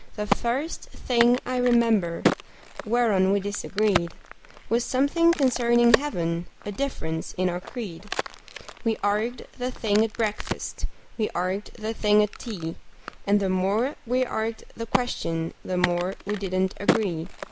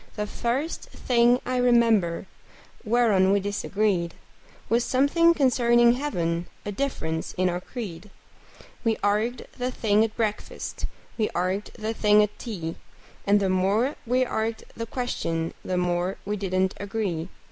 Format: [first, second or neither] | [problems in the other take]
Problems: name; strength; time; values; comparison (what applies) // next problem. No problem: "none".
second | background sound (Crack); 8 dB below the speech